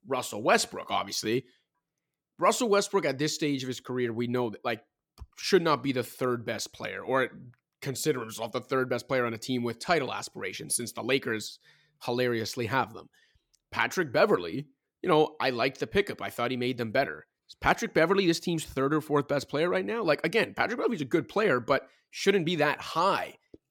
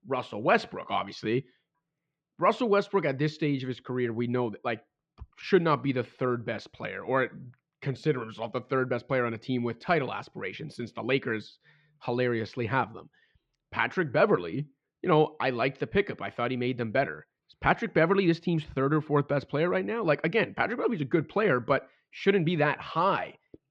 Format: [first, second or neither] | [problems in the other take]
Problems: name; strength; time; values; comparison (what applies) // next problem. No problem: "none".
first | muffled; slightly; fading above 3 kHz